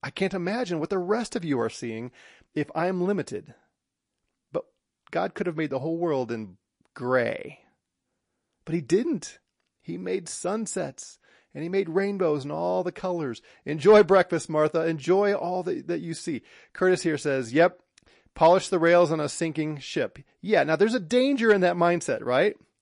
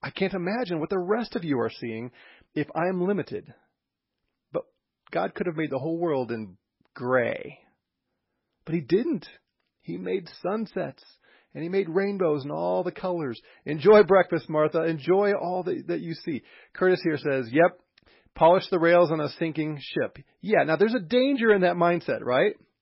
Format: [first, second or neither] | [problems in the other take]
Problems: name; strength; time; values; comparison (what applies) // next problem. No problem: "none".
first | garbled, watery; badly; nothing above 5.5 kHz; slightly in the first